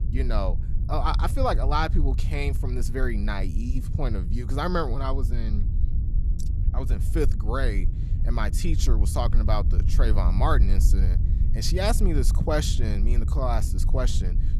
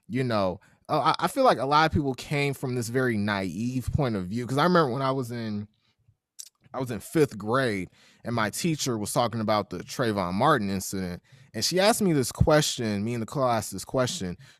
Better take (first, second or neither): second